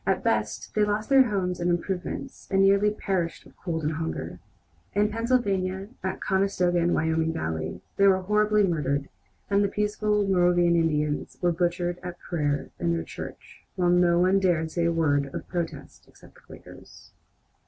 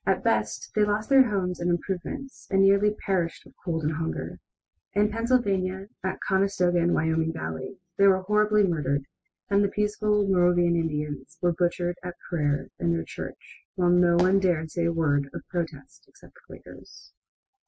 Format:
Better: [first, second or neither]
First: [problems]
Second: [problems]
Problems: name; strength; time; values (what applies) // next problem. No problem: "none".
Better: first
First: none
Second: noise reduction (classical method spectral subtraction)